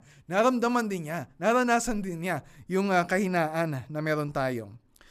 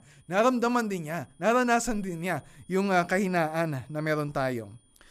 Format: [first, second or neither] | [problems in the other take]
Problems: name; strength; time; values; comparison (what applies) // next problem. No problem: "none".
first | high-pitched whine; faint; throughout; 9.5 kHz, 35 dB below the speech